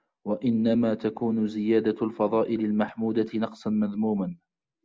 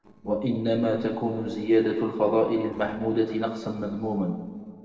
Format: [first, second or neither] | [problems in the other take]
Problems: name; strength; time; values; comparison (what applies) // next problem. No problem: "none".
first | noise reduction (neural separator model SepFormer DNS4)